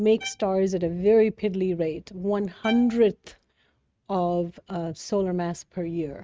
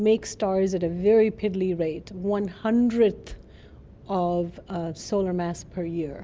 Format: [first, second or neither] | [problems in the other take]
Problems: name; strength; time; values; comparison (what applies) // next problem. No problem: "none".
second | noise reduction (neural mask model RNNoise)